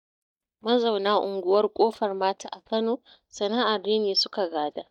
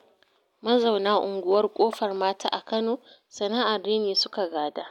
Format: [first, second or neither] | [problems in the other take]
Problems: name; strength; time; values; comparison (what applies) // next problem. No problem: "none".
second | noise reduction (neural mask model DeepFilterNet 3)